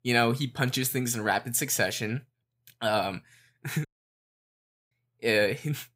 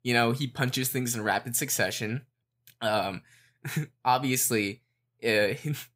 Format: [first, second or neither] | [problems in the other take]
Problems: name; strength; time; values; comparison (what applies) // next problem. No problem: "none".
second | audio cutting out; at 4 s for 1 s